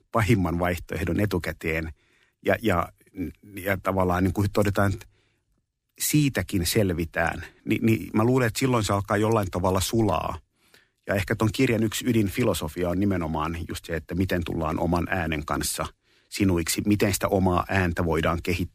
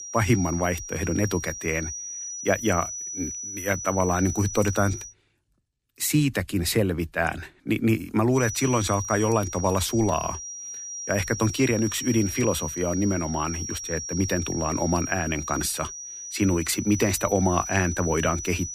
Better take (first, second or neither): first